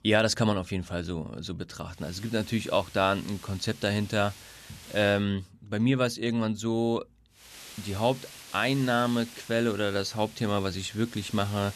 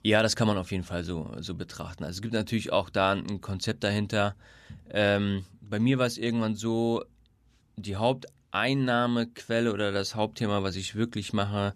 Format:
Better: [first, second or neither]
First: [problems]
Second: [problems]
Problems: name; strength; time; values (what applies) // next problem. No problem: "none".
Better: second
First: hiss; noticeable; from 2 to 5 s and from 7.5 s on; 15 dB below the speech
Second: none